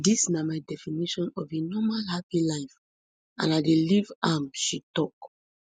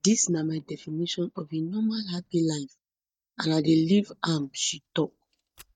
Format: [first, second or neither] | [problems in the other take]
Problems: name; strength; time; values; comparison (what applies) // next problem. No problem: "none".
first | noise reduction (neural mask model DeepFilterNet 3)